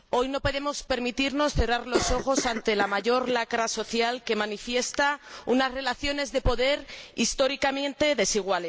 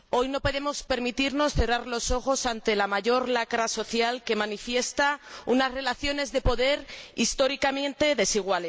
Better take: second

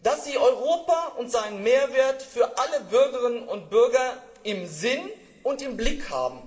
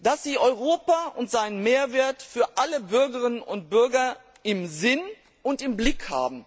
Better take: second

